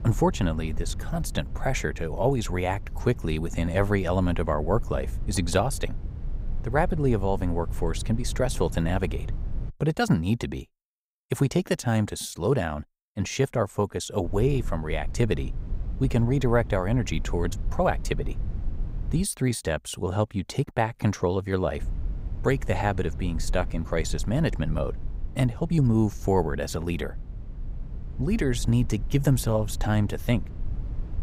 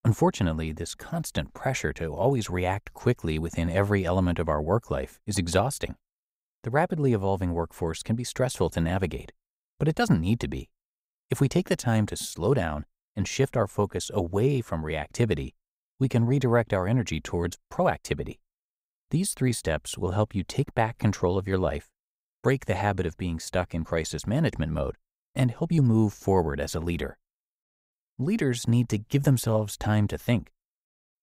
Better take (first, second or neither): second